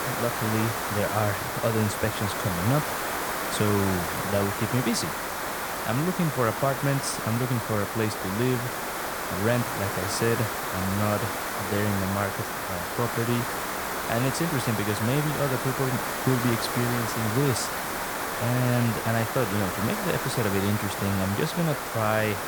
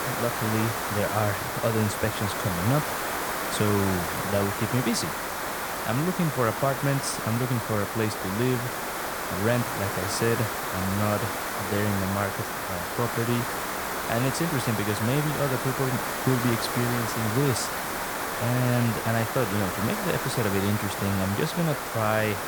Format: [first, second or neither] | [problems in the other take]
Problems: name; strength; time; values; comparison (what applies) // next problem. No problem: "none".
neither | hiss; loud; throughout; 1 dB below the speech; the same in both